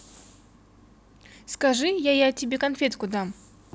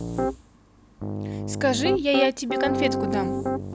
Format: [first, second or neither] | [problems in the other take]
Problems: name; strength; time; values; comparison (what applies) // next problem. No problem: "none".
first | background sound (Piano); as loud as the speech